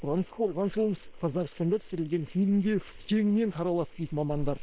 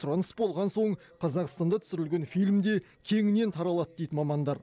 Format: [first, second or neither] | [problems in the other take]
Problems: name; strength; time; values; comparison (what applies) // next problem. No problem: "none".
second | noise reduction (neural separator model SepFormer WHAM!)